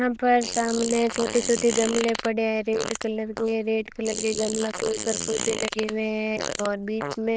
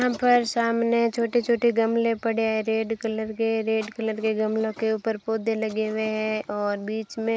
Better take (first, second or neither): second